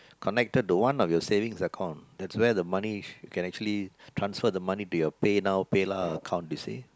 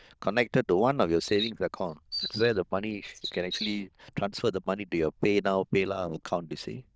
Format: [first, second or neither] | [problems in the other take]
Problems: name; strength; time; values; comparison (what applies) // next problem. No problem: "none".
first | noise reduction (neural diffusion model UNIVERSE++)